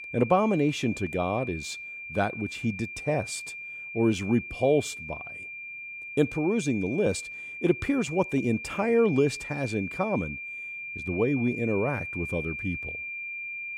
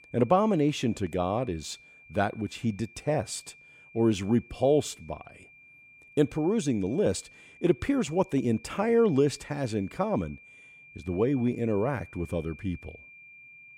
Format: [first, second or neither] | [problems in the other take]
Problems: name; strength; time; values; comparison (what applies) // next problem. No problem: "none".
second | high-pitched whine; loud; throughout; 2.5 kHz, 8 dB below the speech; faint in the second